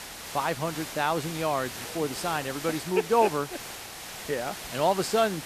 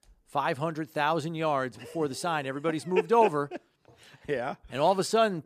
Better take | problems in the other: second | hiss; loud; throughout; 9 dB below the speech

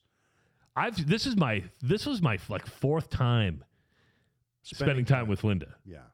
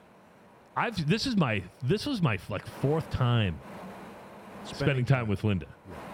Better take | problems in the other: first | wind noise on the microphone; occasional gusts; 15 dB below the speech

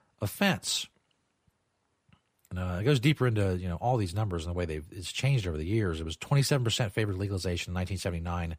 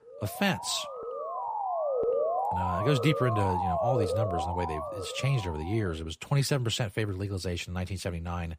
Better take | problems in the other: first | siren; loud; until 6 s; peak 3 dB above the speech

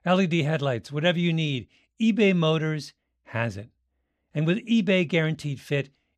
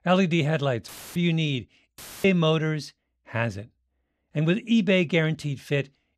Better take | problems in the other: first | audio cutting out; filled with static; at 1 s and at 2 s

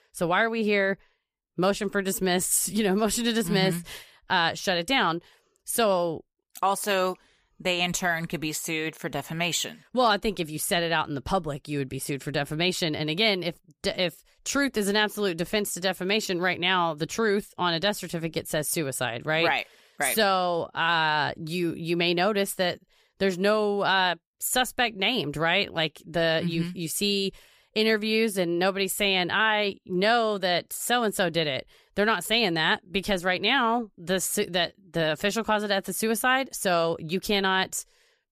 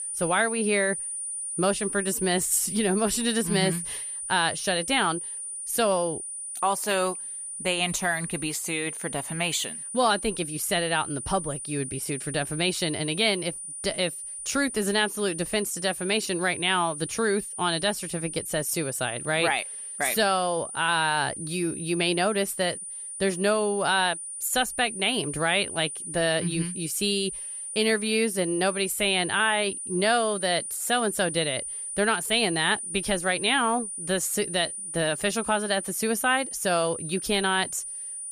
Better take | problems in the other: first | high-pitched whine; loud; throughout; 9.5 kHz, 7 dB below the speech

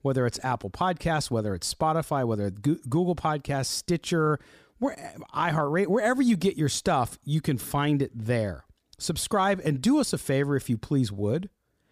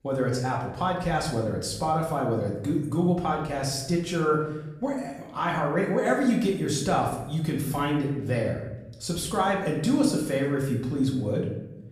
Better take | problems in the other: first | room echo; noticeable; dies away in 0.8 s // off-mic speech; far

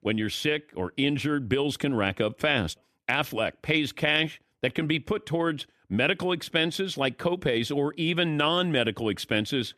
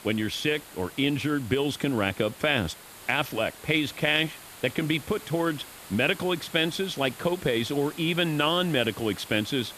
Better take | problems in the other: first | hiss; noticeable; throughout; 15 dB below the speech

